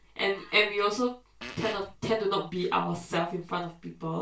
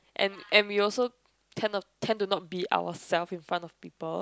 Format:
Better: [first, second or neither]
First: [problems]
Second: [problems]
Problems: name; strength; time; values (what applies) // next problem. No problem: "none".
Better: second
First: background sound (Fart); 11 dB below the speech // room echo; dies away in 0.2 s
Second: none